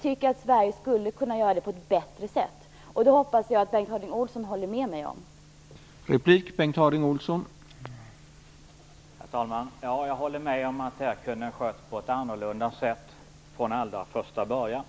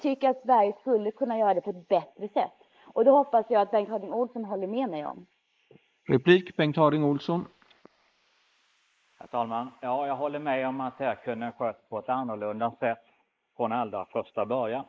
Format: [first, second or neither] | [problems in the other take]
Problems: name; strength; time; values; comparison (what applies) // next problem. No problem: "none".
first | noise reduction (neural mask model Resemble Enhance denoiser)